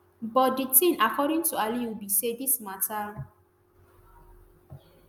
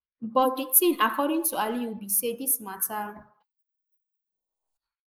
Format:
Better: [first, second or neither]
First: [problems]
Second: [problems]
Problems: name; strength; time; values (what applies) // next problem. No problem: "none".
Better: first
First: none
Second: noise reduction (neural mask model Resemble Enhance denoiser)